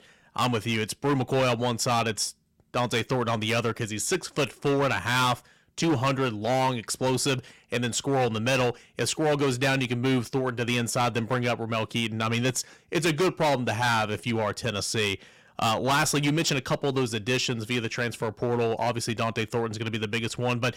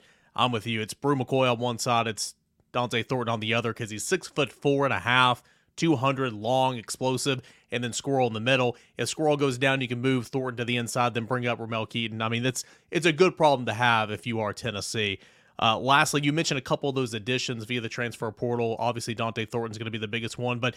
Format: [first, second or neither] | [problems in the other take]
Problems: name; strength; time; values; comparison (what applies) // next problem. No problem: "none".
second | distortion; heavy; 10% of the sound clipped